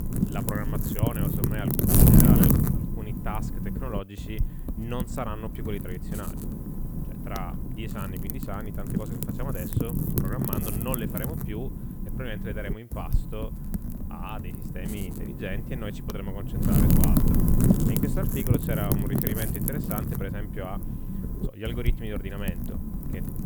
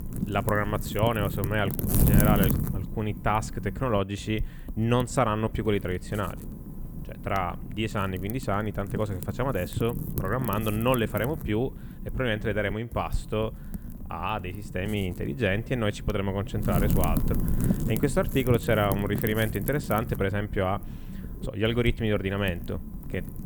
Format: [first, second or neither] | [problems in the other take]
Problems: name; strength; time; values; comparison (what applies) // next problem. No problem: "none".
second | wind noise on the microphone; heavy; 3 dB above the speech; occasional gusts in the second